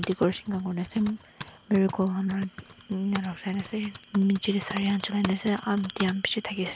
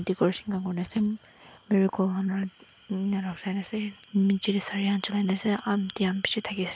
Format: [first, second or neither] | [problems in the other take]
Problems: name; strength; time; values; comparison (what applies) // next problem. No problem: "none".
second | background sound (Typing); 15 dB below the speech